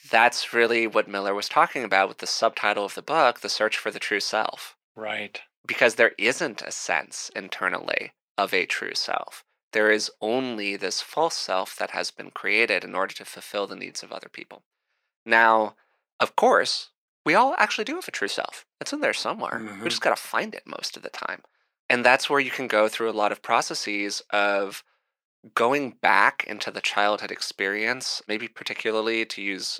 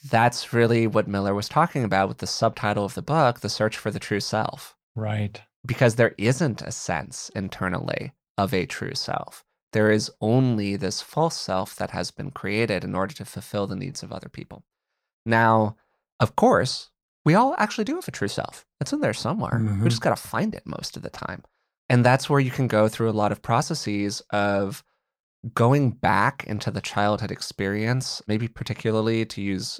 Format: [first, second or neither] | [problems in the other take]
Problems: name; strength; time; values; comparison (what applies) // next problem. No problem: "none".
second | thin; somewhat; fading below 300 Hz